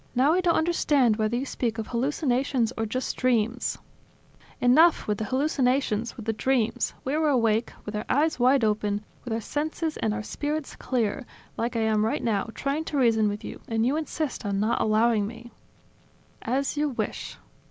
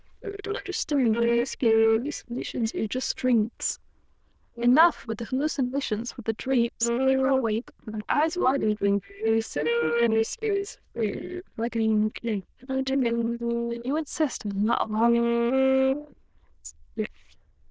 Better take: first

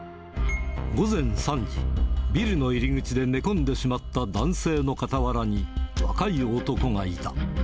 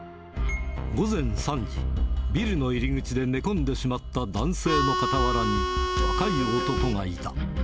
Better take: first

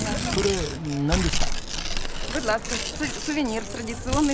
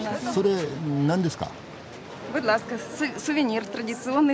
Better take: second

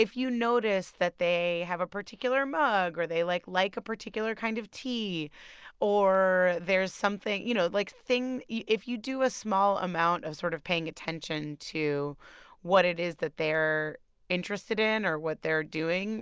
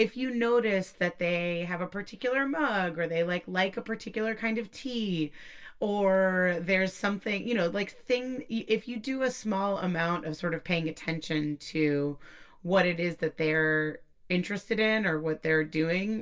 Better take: first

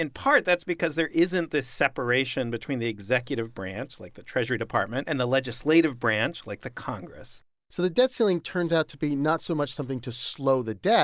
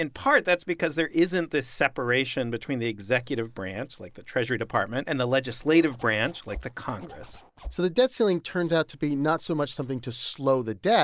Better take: first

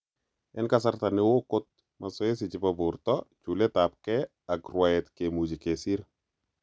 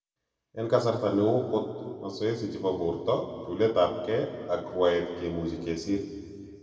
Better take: first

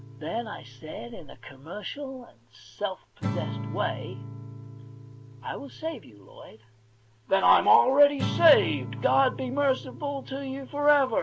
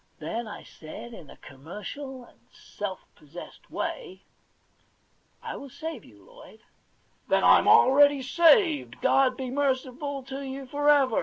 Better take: second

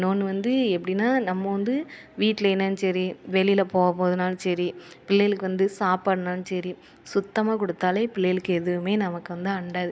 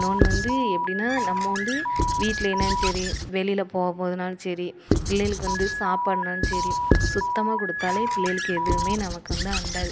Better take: first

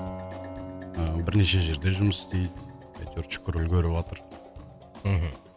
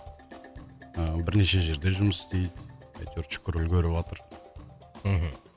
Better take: second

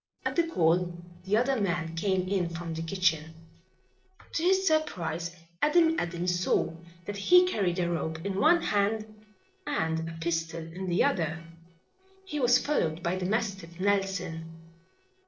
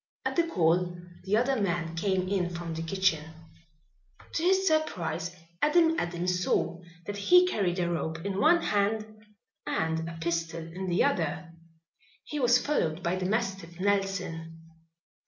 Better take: second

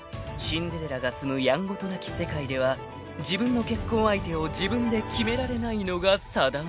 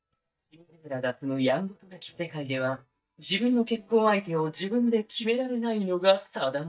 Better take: first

